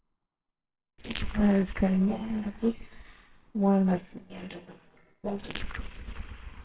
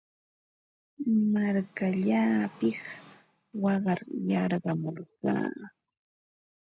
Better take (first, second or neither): second